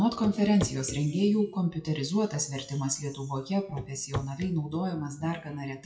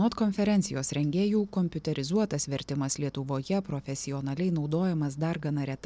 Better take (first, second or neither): second